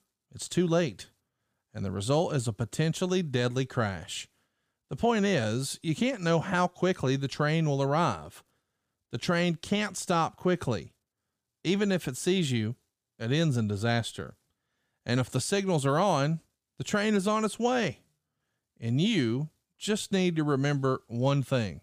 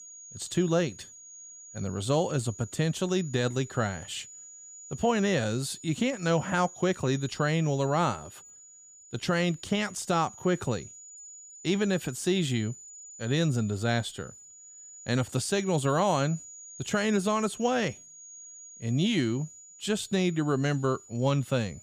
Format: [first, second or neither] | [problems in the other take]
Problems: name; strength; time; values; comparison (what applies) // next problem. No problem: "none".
first | high-pitched whine; noticeable; throughout; 7 kHz, 15 dB below the speech